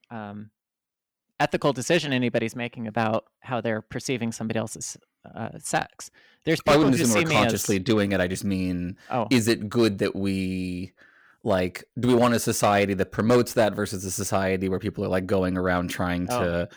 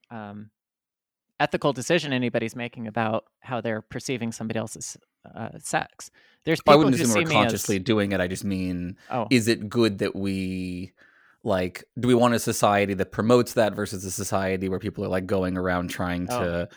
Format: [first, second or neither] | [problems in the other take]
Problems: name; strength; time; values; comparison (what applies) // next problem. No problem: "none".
second | distortion; slight; 3% of the sound clipped